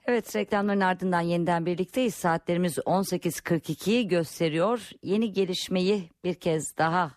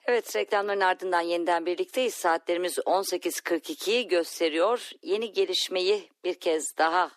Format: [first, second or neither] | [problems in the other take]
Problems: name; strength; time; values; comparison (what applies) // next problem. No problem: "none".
first | thin; very; fading below 300 Hz